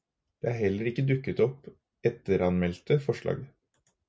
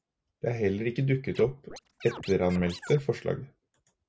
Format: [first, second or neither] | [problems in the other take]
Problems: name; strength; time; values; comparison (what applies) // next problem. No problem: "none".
first | background sound (Scratching (performance technique)); 15 dB below the speech